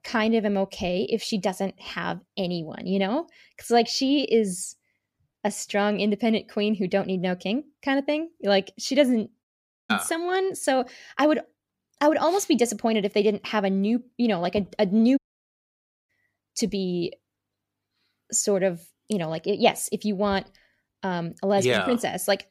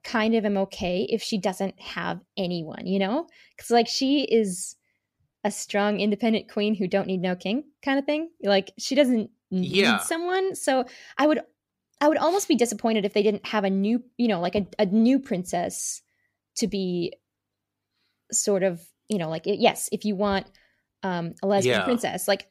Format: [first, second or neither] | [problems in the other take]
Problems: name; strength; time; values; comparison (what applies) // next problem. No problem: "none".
second | audio cutting out; at 9.5 s and at 15 s for 1 s